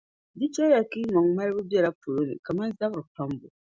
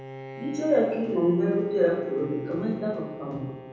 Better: first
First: none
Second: background sound (Bowed string instrument); 16 dB below the speech // room echo; dies away in 1.1 s

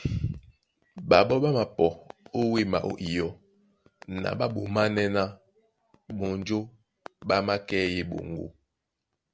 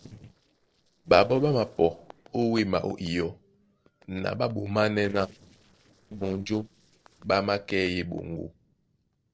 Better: first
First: none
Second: noise reduction (neural separator model SepFormer DNS4)

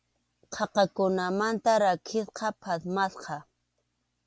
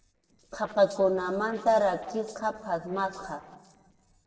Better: first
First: none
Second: noise reduction (neural separator model SepFormer DNS4)

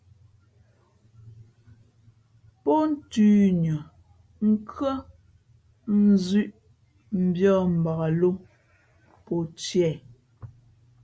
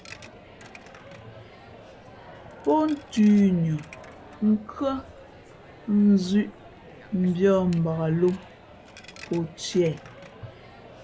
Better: first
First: none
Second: background sound (Coin (dropping)); 20 dB below the speech

